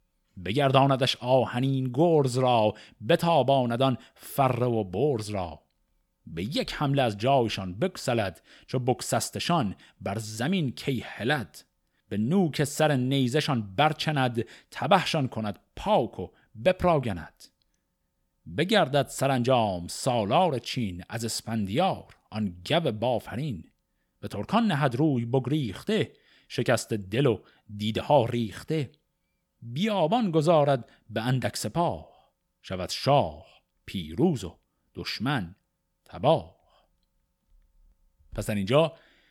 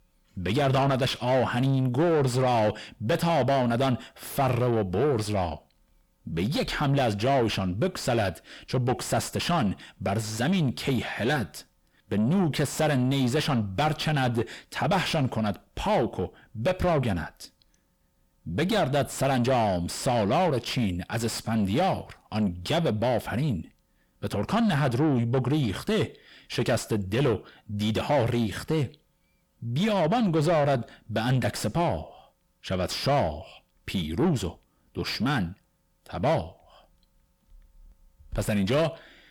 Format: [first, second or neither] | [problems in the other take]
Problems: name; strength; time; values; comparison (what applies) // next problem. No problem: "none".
first | distortion; heavy; 6 dB below the speech